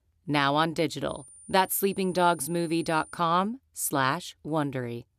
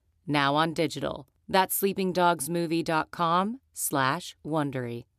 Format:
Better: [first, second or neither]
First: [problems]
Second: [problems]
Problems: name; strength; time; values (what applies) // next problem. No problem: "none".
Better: second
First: high-pitched whine; faint; from 1 to 3 s; 9 kHz, 20 dB below the speech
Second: none